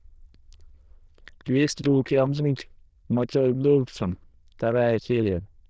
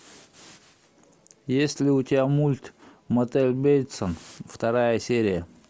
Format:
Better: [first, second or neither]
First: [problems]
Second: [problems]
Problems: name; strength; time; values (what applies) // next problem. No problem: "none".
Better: second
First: noise reduction (neural diffusion model UNIVERSE++)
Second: none